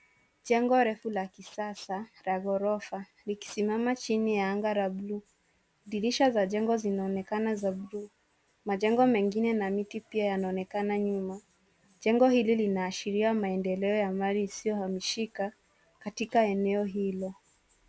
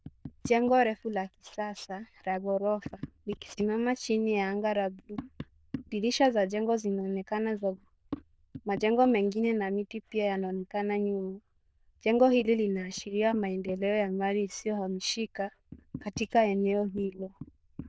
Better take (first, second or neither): first